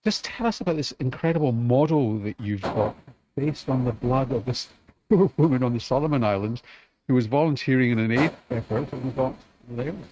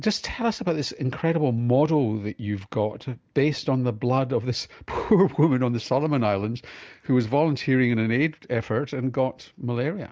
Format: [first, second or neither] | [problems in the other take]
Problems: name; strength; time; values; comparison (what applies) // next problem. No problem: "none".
second | noise reduction (neural mask model RNNoise)